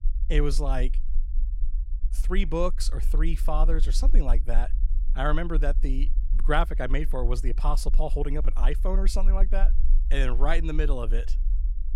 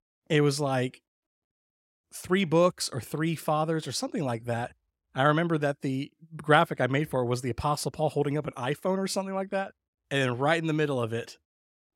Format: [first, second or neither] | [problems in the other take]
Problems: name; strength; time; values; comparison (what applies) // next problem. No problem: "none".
second | low rumble; faint; throughout; 20 dB below the speech